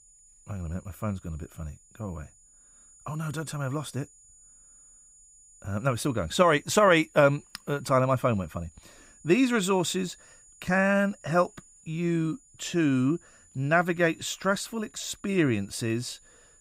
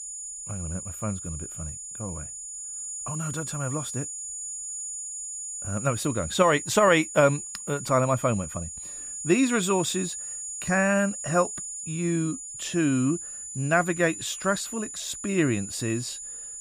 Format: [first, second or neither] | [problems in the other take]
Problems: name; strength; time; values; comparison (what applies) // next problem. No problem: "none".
first | high-pitched whine; loud; throughout; 7 kHz, 8 dB below the speech; faint in the first